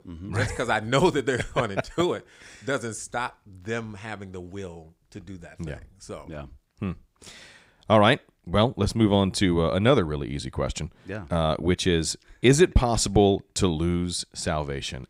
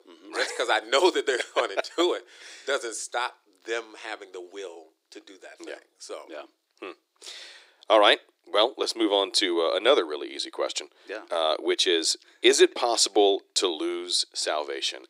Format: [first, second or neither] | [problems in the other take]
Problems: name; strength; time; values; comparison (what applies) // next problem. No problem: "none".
first | thin; very; fading below 350 Hz